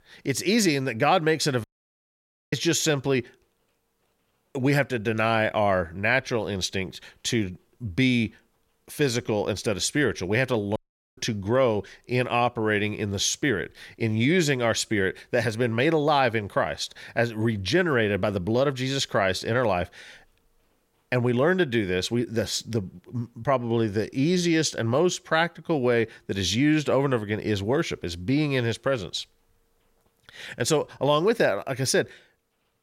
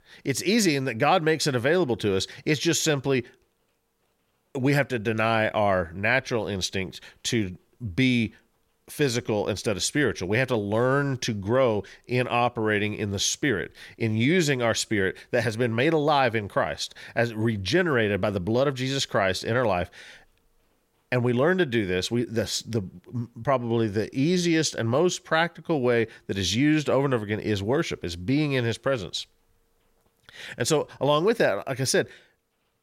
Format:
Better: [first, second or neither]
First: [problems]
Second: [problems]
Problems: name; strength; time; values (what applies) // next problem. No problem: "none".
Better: second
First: audio cutting out; at 1.5 s for 1 s and at 11 s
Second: none